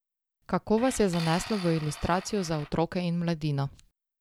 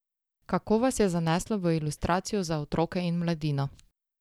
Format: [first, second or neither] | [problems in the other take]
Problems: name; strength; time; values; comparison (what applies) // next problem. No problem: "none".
second | background sound (Tools); 16 dB below the speech